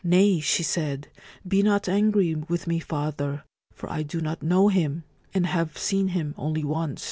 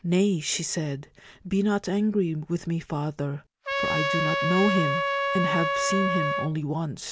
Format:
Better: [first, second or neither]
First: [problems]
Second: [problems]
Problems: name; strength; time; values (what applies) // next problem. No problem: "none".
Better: first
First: none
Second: background sound (Trumpet); as loud as the speech